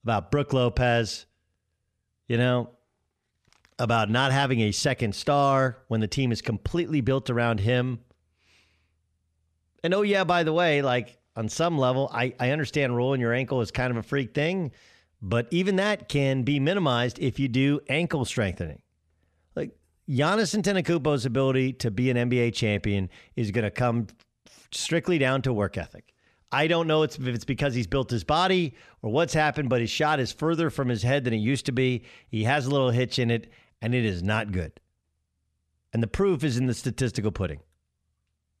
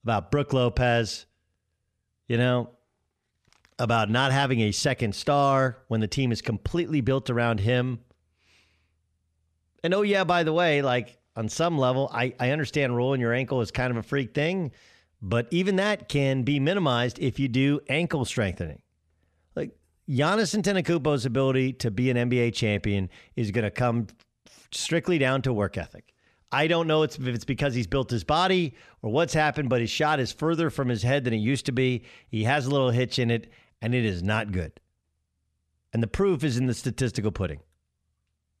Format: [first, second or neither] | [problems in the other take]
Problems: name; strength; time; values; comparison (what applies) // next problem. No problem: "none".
neither | none